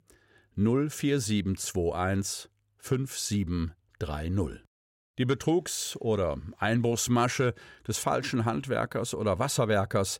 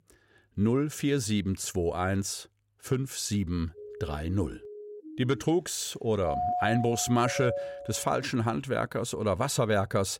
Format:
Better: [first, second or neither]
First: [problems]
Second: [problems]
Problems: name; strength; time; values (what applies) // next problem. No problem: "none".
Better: first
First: none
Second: siren; faint; from 3.5 to 5.5 s; peak 15 dB below the speech // doorbell; noticeable; from 6.5 to 8 s; peak 1 dB below the speech